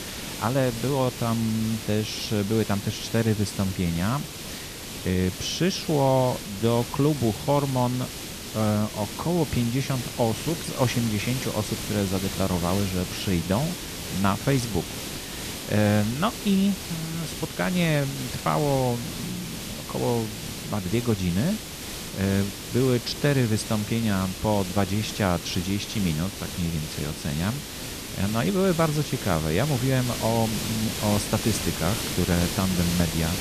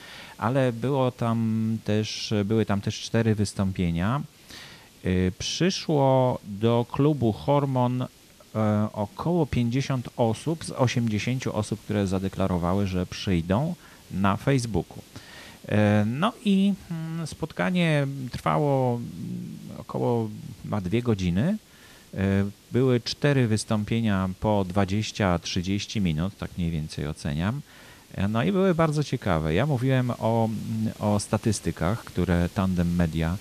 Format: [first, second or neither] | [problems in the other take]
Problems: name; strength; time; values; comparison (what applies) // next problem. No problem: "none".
second | hiss; loud; throughout; 7 dB below the speech; faint in the second